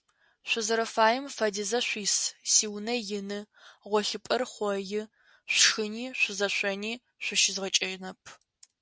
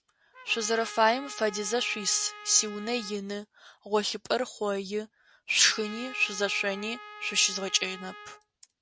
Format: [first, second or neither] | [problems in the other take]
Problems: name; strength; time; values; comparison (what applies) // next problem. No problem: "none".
first | background sound (Trumpet); 16 dB below the speech